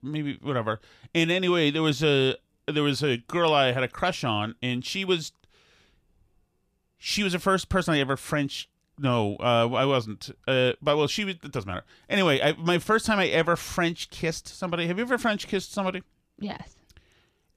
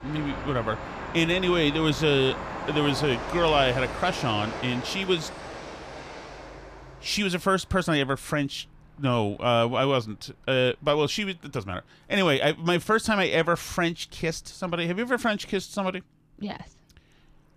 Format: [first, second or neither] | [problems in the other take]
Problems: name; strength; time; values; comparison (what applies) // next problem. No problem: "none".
first | train or aircraft noise; noticeable; throughout; 10 dB below the speech